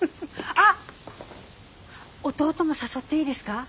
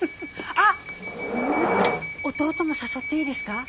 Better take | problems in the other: first | background sound (Subway, metro, underground / Door); 1 dB below the speech

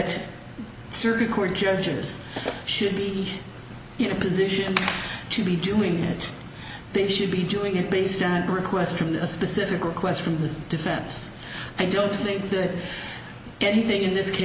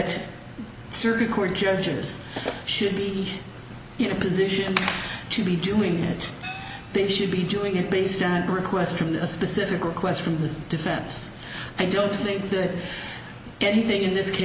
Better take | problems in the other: first | background sound (Gong); 16 dB below the speech

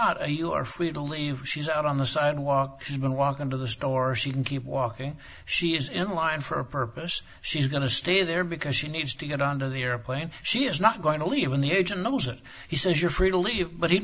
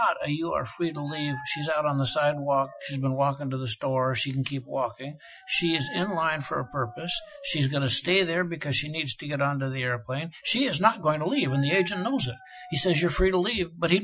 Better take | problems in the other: first | noise reduction (classical method Wiener filter)

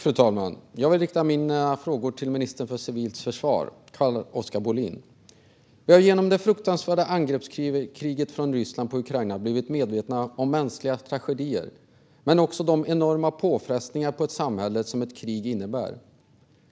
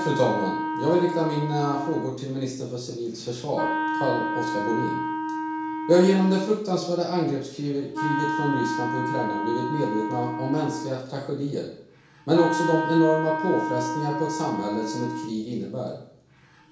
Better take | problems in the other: first | background sound (Wind instrument, woodwind instrument); 4 dB below the speech // room echo; dies away in 0.6 s

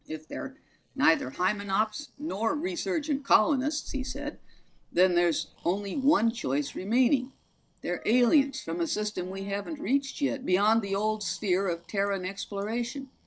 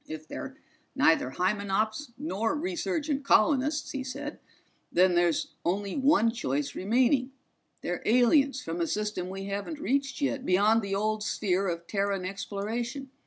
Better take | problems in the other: second | noise reduction (neural separator model SepFormer DNS4)

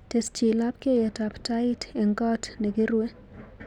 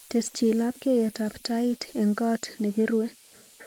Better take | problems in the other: first | noise reduction (neural mask model Resemble Enhance denoiser)

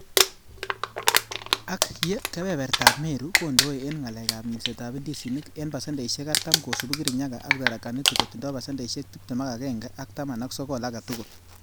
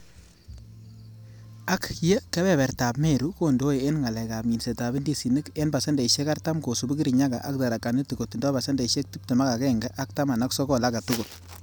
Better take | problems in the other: second | background sound (Crumpling, crinkling); 3 dB above the speech

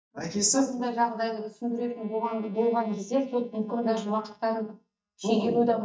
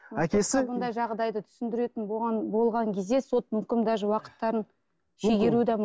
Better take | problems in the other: second | noise reduction (neural mask model DeepFilterNet 3)

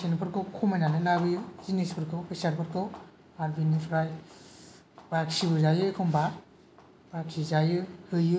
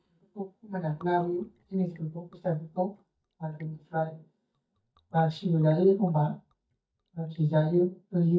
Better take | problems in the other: first | noise reduction (neural mask model DeepFilterNet 3)

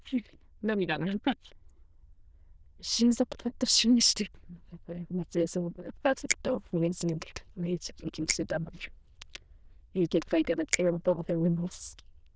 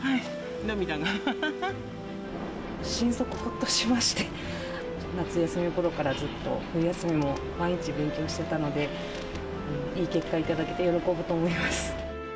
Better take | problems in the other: second | noise reduction (neural diffusion model UNIVERSE++)

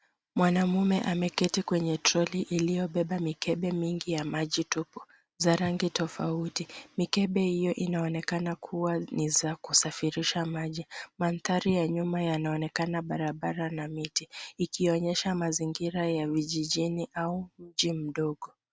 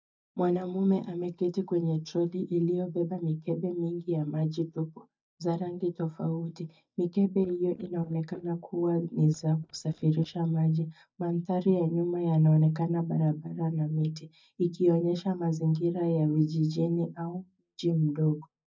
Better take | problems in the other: first | noise reduction (neural mask model DeepFilterNet 3)

